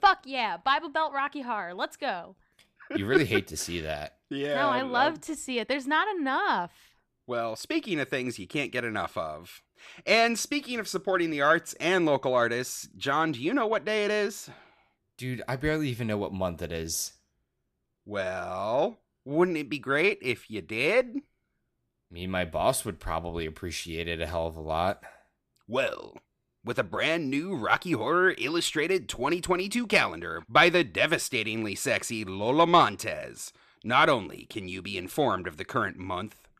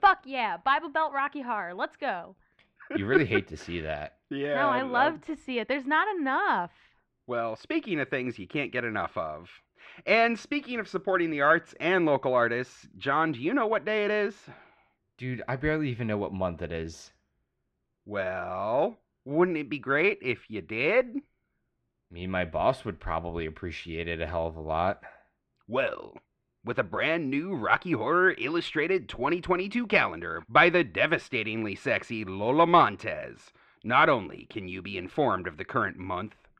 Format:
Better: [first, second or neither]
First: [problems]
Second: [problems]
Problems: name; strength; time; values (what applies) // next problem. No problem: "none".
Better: first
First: none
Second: muffled; slightly; fading above 2.5 kHz